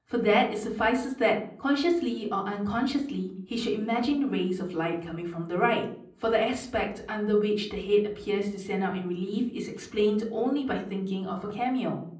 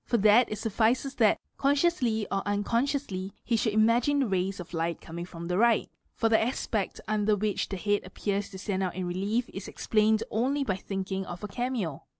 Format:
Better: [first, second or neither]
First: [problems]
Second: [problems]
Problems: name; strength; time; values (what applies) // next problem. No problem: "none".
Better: second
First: room echo; dies away in 0.6 s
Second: none